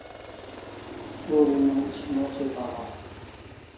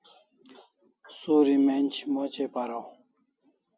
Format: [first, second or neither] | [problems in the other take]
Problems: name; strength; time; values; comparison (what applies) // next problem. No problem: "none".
second | background sound (Aircraft); 12 dB below the speech // room echo; dies away in 0.7 s